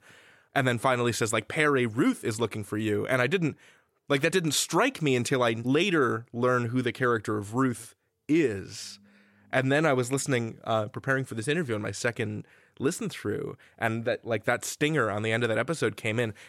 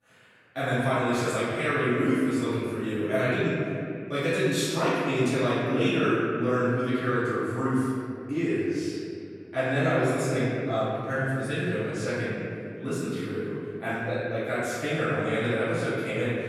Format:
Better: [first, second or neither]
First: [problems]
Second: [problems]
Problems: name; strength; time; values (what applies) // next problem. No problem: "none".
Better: first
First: none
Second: off-mic speech; far // room echo; strong; dies away in 2.4 s